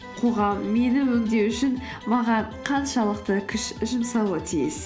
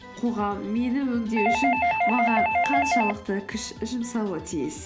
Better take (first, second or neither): first